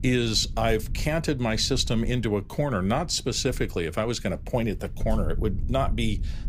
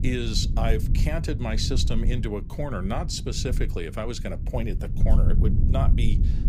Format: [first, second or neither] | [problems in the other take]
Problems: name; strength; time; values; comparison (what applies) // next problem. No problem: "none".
first | low rumble; loud; throughout; 9 dB below the speech; faint in the first